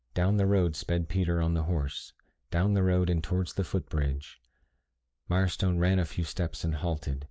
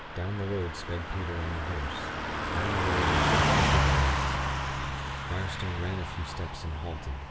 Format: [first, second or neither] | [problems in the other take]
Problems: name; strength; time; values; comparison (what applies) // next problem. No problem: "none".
first | background sound (Car passing by / Truck); 5 dB above the speech // room echo; dies away in 2.3 s